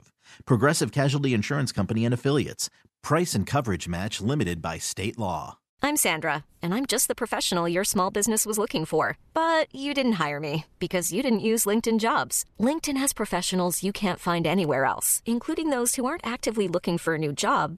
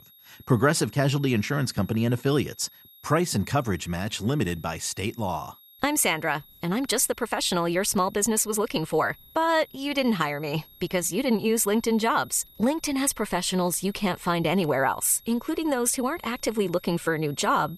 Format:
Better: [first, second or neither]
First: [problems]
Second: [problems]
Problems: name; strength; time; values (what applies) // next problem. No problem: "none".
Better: first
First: none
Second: high-pitched whine; faint; throughout; 11.5 kHz, 25 dB below the speech